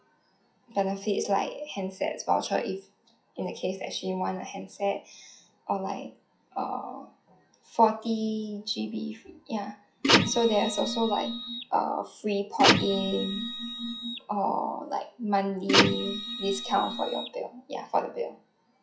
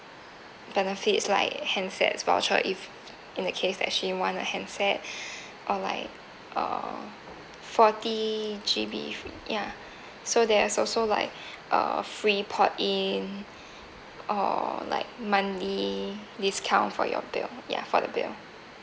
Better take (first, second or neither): second